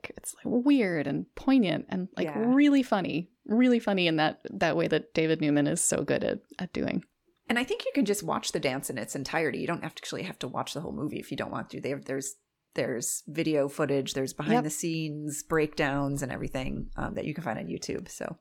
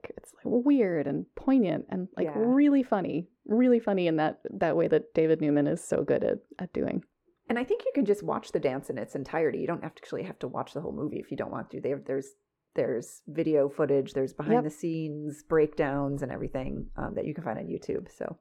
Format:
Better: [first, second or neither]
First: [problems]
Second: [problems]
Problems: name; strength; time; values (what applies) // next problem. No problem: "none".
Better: first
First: none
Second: muffled; very; fading above 2.5 kHz